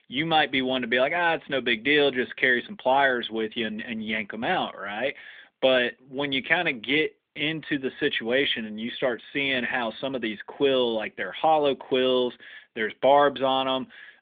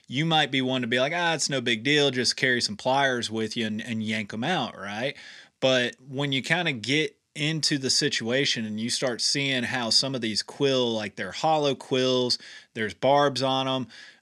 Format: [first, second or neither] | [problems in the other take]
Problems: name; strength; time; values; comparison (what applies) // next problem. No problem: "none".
second | phone-call audio; nothing above 3.5 kHz